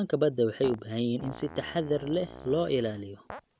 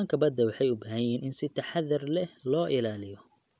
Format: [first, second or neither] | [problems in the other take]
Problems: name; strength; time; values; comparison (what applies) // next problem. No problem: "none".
second | background sound (Fart); 16 dB below the speech